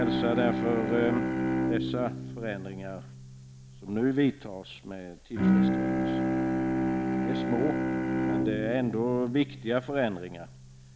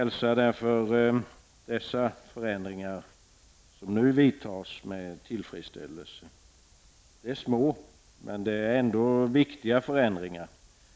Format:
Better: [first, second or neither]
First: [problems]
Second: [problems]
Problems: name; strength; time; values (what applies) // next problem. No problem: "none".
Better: second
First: background sound (Bowed string instrument); 2 dB above the speech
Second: none